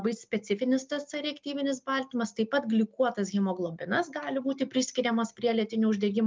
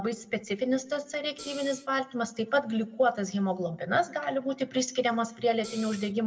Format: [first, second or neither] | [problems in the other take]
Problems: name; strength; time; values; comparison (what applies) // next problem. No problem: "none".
first | background sound (Hi-hat); 15 dB below the speech // room echo; dies away in 0.7 s